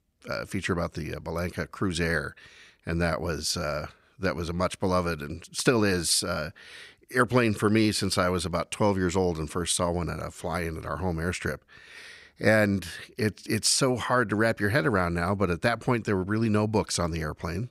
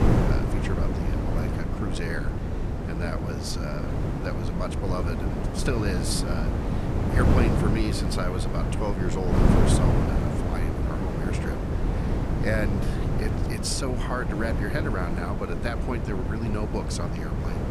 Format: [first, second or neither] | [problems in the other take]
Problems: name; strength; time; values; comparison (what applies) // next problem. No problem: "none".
first | wind noise on the microphone; heavy; as loud as the speech